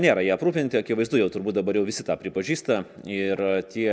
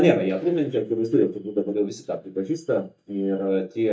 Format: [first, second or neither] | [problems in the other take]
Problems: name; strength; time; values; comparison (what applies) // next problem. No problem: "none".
first | noise reduction (neural mask model DeepFilterNet 3)